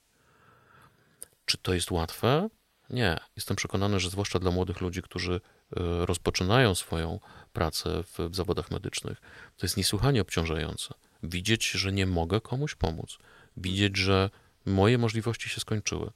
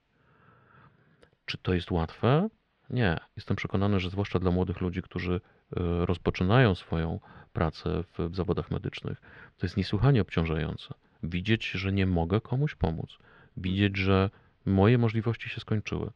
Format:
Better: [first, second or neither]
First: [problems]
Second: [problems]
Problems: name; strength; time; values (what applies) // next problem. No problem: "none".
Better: first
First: none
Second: muffled; slightly; fading above 3 kHz